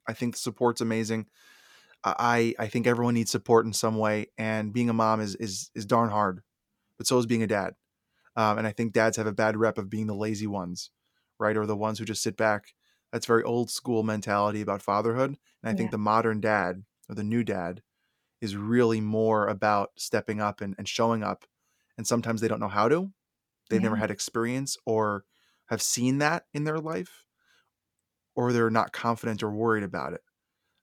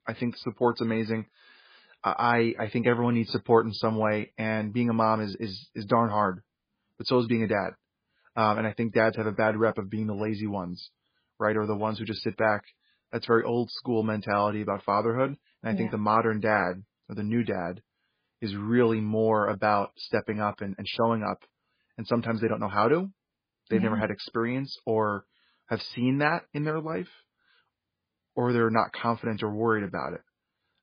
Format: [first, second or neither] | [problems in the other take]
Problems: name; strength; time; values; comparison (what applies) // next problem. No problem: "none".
first | garbled, watery; badly